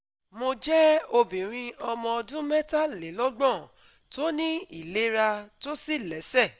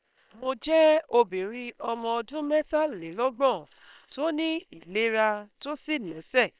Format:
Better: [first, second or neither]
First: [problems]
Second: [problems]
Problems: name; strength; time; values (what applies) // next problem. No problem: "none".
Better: first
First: none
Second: noise reduction (neural separator model SepFormer WHAM!)